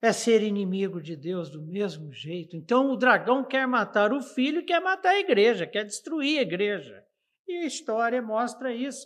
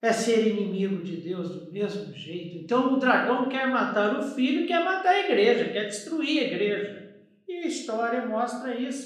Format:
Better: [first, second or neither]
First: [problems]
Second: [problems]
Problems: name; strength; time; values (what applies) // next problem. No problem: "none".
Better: first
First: none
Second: room echo; noticeable; dies away in 0.6 s // off-mic speech; somewhat distant